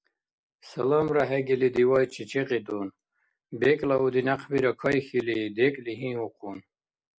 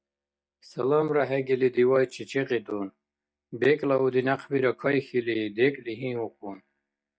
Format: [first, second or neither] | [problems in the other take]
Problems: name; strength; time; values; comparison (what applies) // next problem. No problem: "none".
first | noise reduction (neural mask model DeepFilterNet 3)